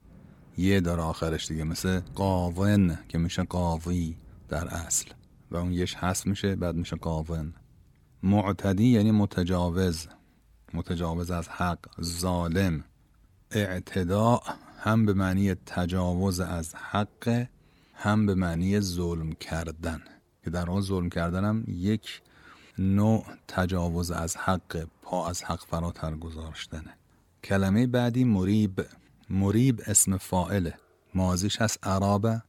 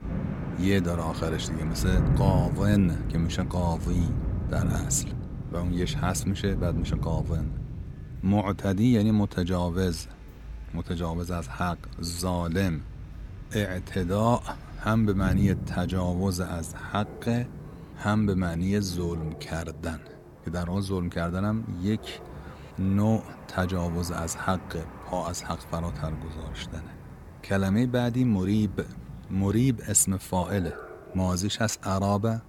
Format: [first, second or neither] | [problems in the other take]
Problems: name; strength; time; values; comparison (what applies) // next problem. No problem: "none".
first | rain or running water; loud; throughout; 7 dB below the speech; faint in the first